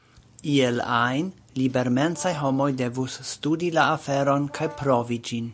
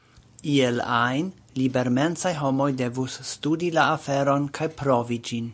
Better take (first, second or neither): second